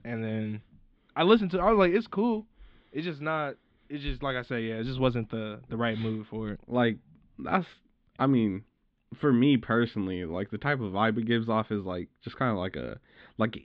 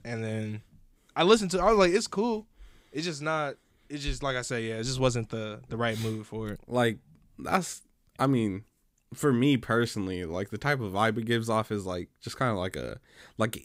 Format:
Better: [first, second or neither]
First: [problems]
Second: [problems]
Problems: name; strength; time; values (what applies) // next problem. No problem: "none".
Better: second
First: muffled; very; fading above 3.5 kHz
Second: none